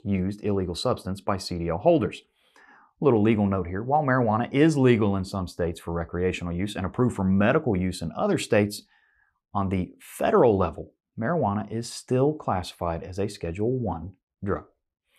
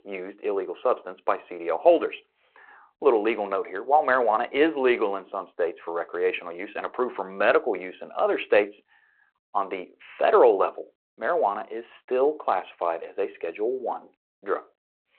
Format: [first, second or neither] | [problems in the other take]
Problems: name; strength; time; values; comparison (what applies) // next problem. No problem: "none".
first | phone-call audio